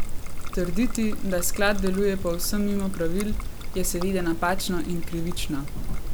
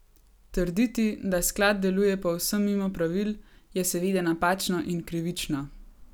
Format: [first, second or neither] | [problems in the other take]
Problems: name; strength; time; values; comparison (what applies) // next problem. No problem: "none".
second | background sound (Trickle, dribble); 2 dB above the speech